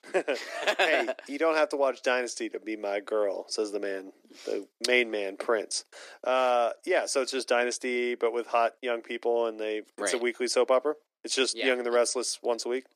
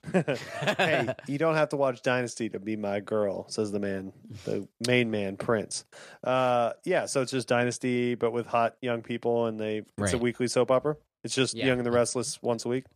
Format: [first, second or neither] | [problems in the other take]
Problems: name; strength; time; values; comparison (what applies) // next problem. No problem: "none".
second | thin; somewhat; fading below 300 Hz